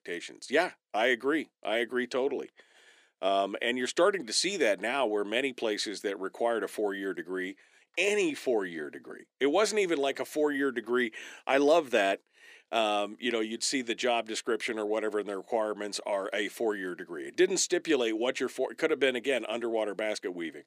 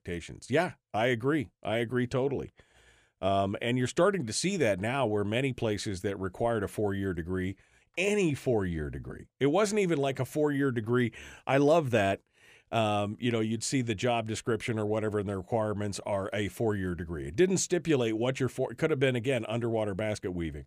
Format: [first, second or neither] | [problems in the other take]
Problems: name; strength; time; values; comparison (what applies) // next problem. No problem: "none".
second | thin; somewhat; fading below 250 Hz